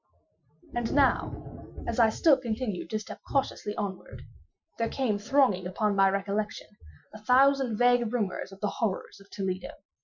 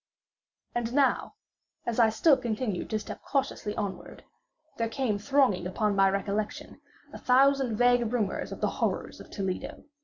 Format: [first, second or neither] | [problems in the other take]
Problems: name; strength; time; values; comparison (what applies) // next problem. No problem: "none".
second | noise reduction (classical method Wiener filter)